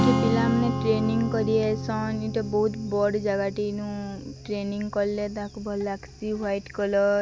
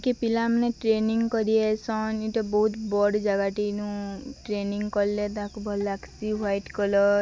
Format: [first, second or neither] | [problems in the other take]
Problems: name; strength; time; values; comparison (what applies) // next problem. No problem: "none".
second | background sound (Strum); 5 dB below the speech